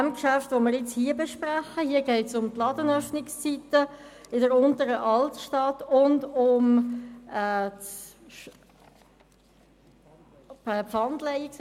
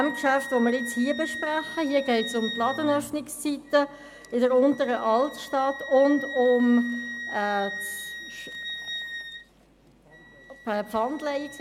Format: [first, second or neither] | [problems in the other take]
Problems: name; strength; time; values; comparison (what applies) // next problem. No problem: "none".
first | background sound (Wind instrument, woodwind instrument); 12 dB below the speech